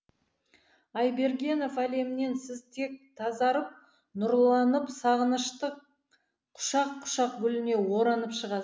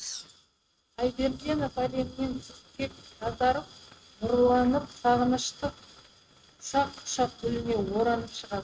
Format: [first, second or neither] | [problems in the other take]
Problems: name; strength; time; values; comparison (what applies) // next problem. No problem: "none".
first | noise reduction (neural mask model RNNoise)